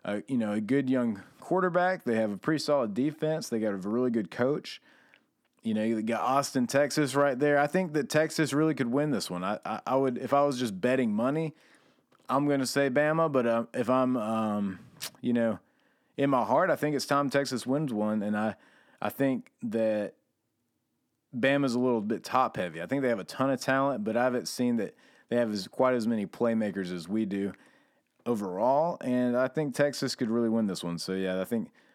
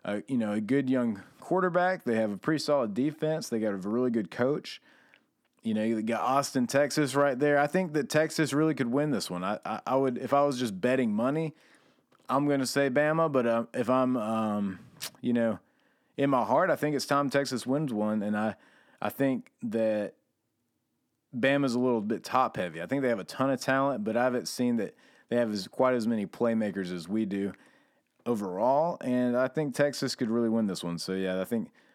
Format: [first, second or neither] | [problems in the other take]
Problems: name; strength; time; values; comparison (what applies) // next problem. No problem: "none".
neither | none